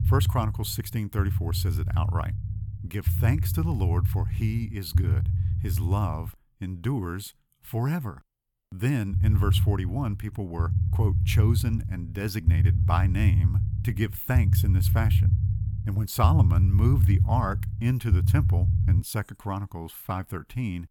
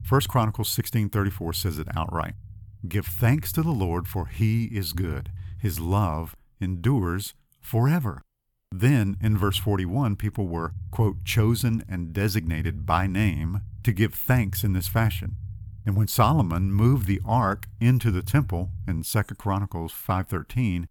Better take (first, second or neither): second